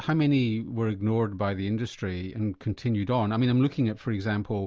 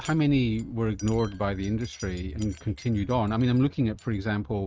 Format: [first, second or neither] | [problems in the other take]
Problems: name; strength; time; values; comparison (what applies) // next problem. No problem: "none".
first | noise reduction (neural mask model RNNoise)